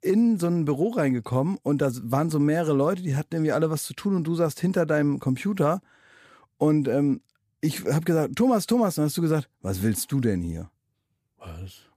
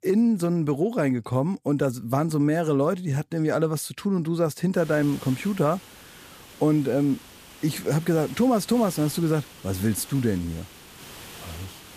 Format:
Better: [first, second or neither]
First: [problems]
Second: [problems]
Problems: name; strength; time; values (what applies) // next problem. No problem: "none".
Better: first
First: none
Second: hiss; noticeable; from 5 s on; 20 dB below the speech